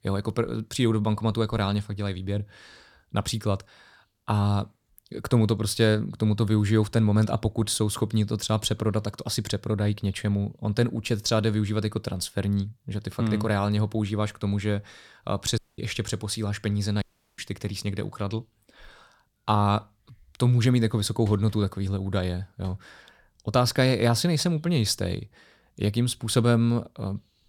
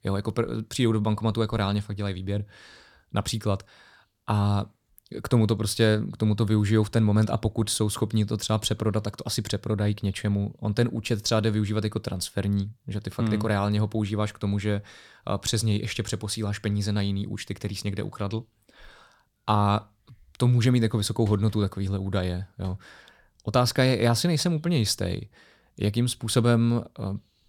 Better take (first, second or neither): second